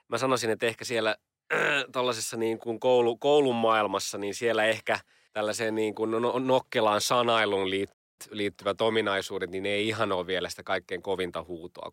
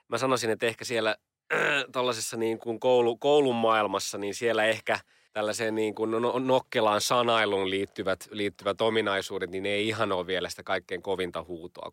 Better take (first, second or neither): second